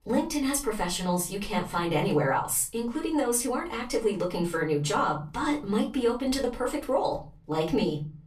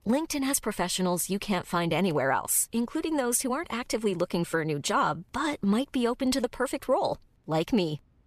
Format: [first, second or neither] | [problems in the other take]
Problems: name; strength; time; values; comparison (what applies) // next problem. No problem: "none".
second | off-mic speech; far // room echo; very slight; dies away in 0.4 s